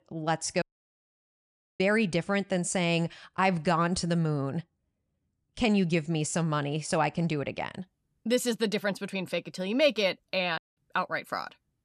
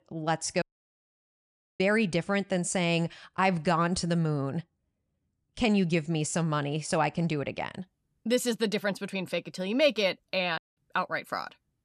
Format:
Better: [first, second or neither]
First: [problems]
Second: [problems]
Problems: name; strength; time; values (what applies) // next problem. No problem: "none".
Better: neither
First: audio cutting out; at 0.5 s for 1 s and at 11 s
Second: audio cutting out; at 0.5 s for 1 s and at 11 s